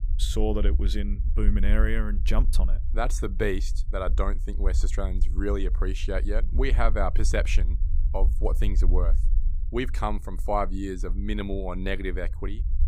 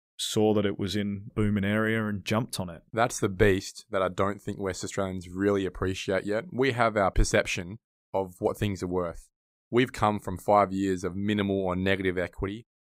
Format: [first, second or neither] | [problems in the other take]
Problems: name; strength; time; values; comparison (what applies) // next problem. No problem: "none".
second | low rumble; noticeable; throughout; 20 dB below the speech